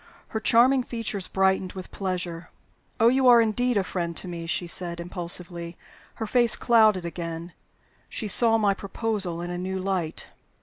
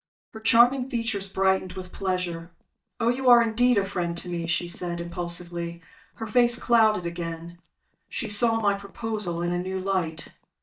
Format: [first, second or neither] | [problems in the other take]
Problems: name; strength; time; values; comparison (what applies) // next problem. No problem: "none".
first | noise reduction (neural mask model DeepFilterNet 3)